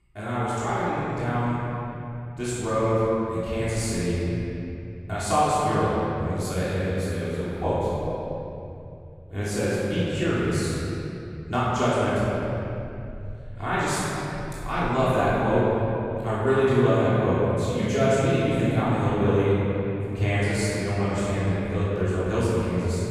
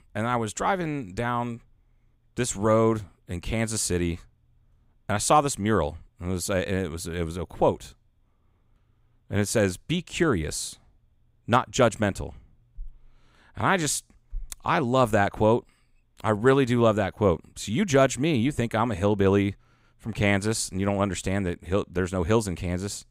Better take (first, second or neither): second